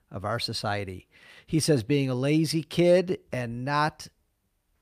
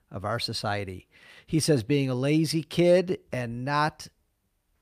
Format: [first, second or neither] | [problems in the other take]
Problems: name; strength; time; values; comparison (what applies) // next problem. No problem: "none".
neither | none